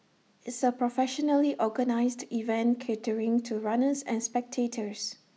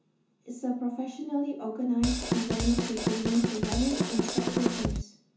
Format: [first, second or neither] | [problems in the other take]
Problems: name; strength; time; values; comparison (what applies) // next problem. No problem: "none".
first | background sound (Drum kit); 1 dB above the speech // room echo; dies away in 0.6 s